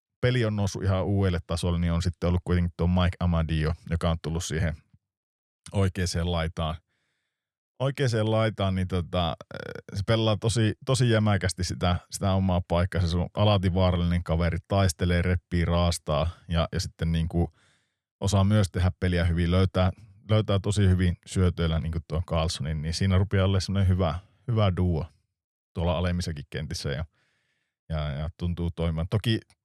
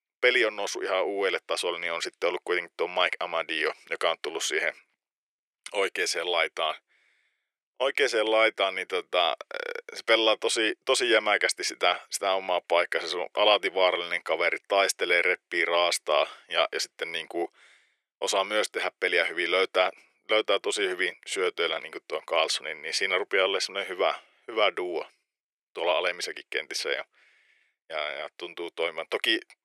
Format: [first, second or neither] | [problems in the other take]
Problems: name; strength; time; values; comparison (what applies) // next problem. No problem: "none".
first | thin; very; fading below 350 Hz